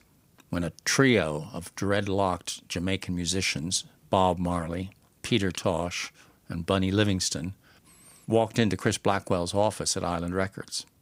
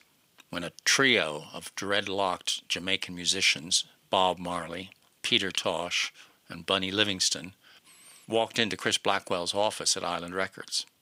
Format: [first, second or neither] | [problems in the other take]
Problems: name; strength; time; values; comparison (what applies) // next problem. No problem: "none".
first | thin; somewhat; fading below 500 Hz